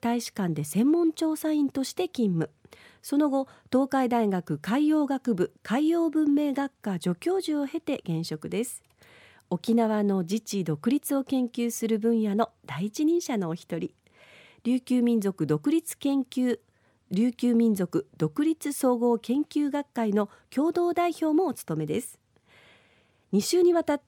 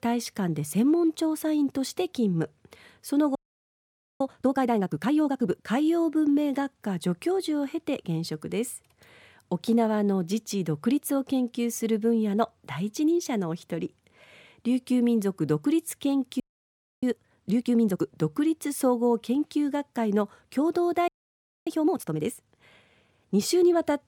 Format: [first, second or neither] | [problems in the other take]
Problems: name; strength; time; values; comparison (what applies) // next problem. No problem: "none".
first | audio freezing; at 3.5 s for 1 s, at 16 s for 0.5 s and at 21 s for 0.5 s